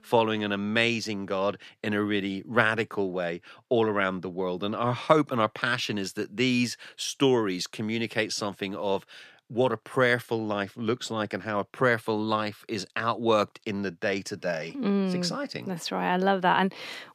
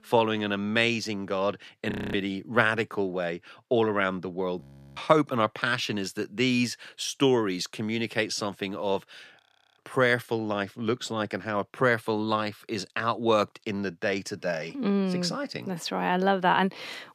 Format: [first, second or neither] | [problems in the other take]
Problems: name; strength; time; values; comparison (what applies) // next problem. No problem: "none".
first | audio freezing; at 2 s, at 4.5 s and at 9.5 s